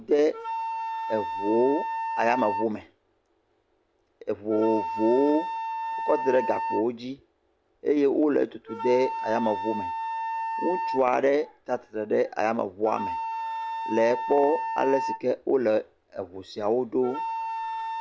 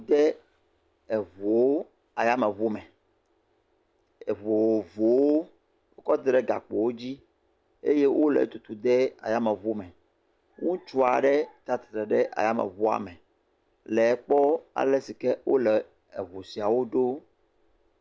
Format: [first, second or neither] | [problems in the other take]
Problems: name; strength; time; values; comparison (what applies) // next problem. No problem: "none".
second | background sound (Wind instrument, woodwind instrument); 6 dB below the speech